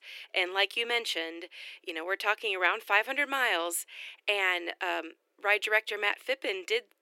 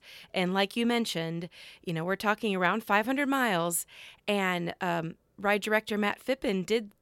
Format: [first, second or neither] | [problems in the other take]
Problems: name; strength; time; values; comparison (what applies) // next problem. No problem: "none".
second | thin; very; fading below 300 Hz